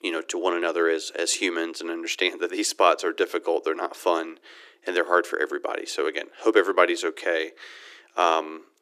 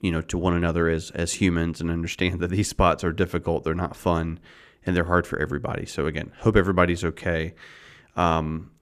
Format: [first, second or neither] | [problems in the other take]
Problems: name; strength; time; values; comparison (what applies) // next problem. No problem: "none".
second | thin; very; fading below 300 Hz